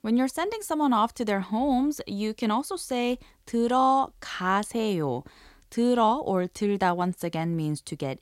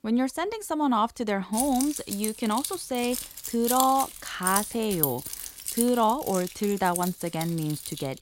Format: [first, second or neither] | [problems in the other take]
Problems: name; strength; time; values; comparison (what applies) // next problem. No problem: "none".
first | jangling keys; noticeable; from 1.5 s on; peak level with the speech